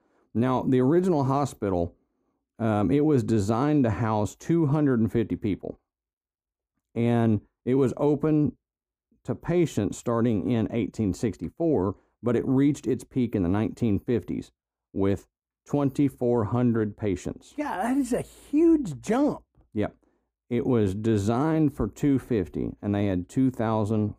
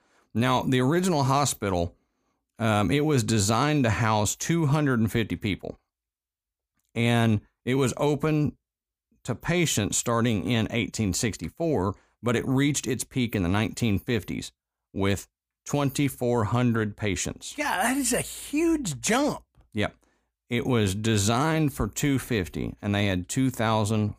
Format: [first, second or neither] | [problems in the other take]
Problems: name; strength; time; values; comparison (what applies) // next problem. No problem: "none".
second | muffled; slightly; fading above 1.5 kHz